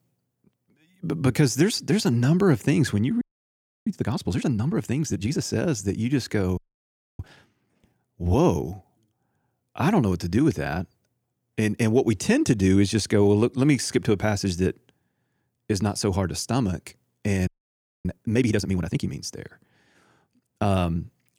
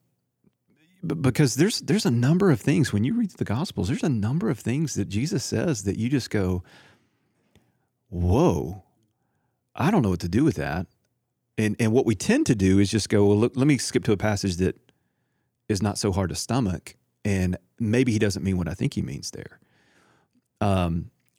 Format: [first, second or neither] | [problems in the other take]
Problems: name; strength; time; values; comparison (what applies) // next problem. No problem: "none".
second | audio freezing; at 3 s for 0.5 s, at 6.5 s for 0.5 s and at 17 s for 0.5 s